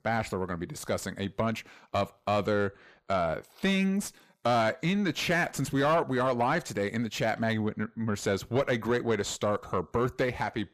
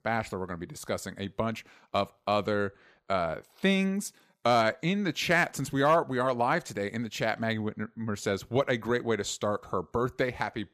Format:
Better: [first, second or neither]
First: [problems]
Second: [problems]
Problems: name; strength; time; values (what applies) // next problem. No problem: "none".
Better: second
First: distortion; slight; 10 dB below the speech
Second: none